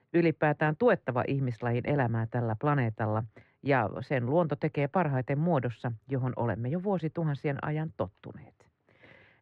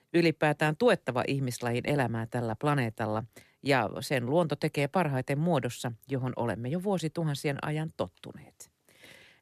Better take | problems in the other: second | muffled; very; fading above 1.5 kHz

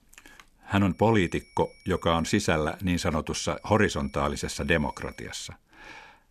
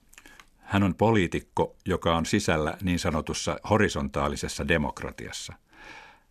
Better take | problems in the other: second | high-pitched whine; faint; from 1 to 2.5 s and from 3.5 to 5.5 s; 2.5 kHz, 30 dB below the speech

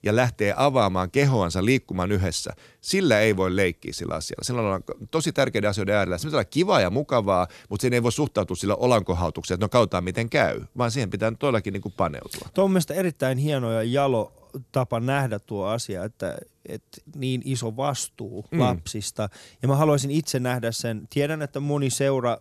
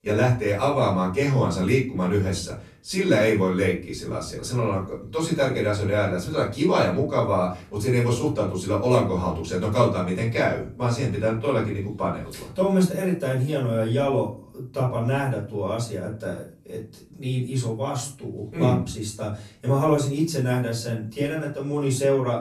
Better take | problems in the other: first | off-mic speech; far // room echo; slight; dies away in 0.4 s

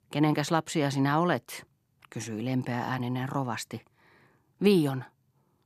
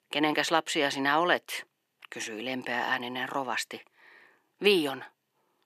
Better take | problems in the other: first | thin; somewhat; fading below 450 Hz

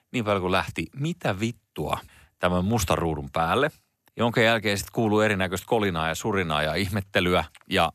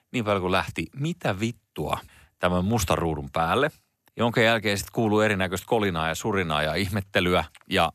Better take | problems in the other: neither | none

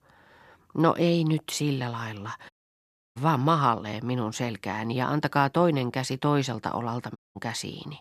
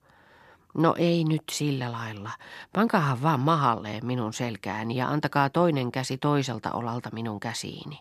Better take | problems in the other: second | audio cutting out; at 2.5 s for 0.5 s and at 7 s

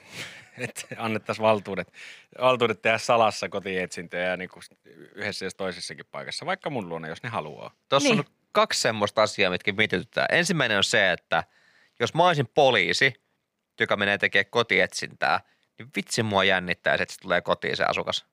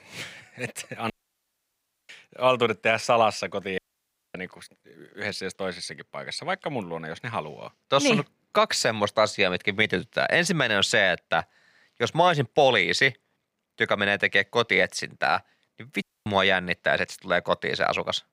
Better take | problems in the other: first | audio cutting out; at 1 s for 1 s, at 4 s for 0.5 s and at 16 s

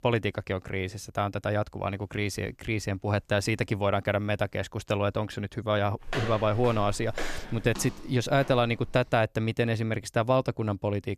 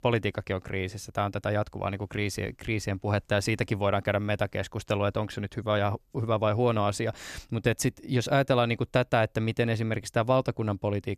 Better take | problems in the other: second | footsteps; noticeable; from 6 to 9 s; peak 6 dB below the speech

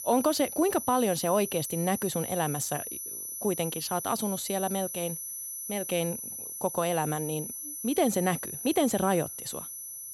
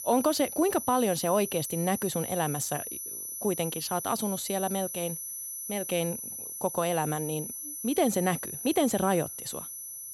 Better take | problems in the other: neither | high-pitched whine; loud; throughout; 10 kHz, 6 dB below the speech; the same in both

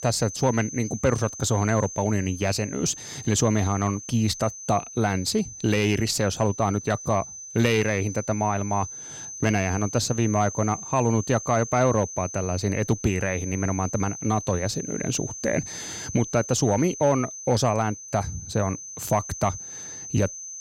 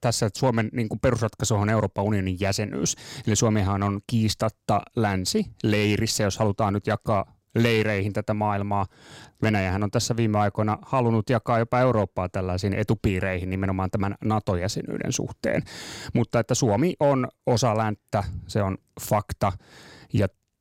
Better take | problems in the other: second | high-pitched whine; noticeable; throughout; 6 kHz, 10 dB below the speech

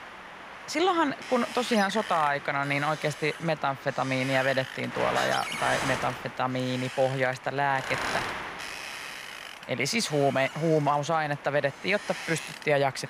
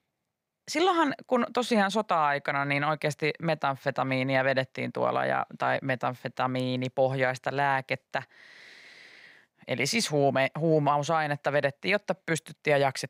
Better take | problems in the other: second | wind noise on the microphone; heavy; 8 dB below the speech

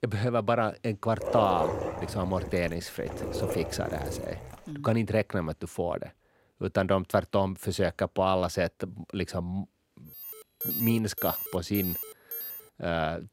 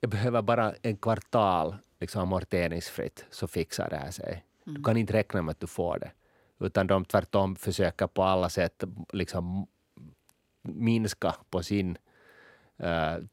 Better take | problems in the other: second | dog barking; loud; from 1 to 4.5 s; peak level with the speech // alarm; loud; from 10 to 13 s; peak level with the speech

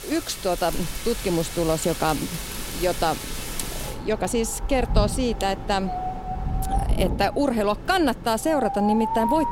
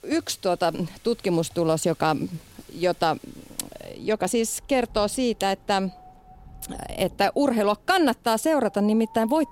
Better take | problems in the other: second | wind in the background; loud; throughout; 6 dB below the speech; faint in the second

